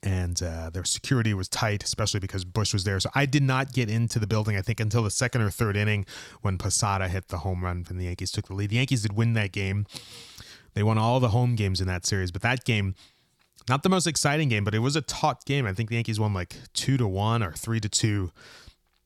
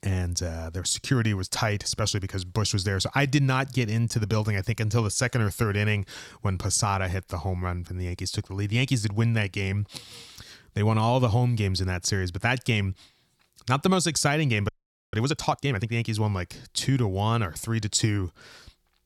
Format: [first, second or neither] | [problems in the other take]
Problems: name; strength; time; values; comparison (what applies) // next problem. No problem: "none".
first | audio freezing; at 15 s